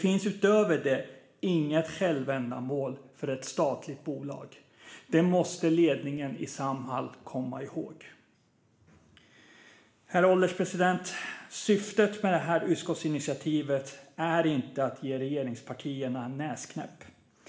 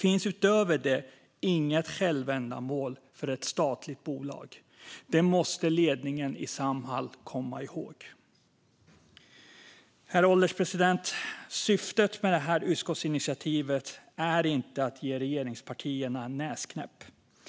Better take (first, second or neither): second